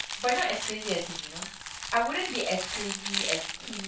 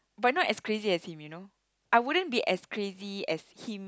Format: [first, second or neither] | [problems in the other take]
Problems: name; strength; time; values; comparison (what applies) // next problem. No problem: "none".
second | background sound (Crumpling, crinkling); 3 dB below the speech // room echo; dies away in 0.3 s